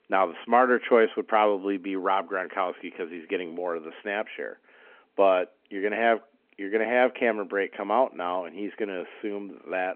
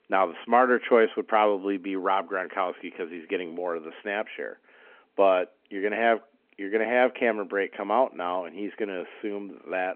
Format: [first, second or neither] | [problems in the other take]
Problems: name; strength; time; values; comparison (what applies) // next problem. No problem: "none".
neither | phone-call audio; the same in both